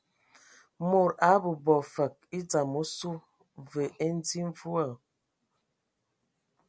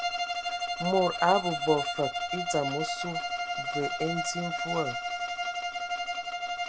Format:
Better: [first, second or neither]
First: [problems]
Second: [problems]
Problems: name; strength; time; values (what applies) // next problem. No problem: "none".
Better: first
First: none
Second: background sound (Bowed string instrument); as loud as the speech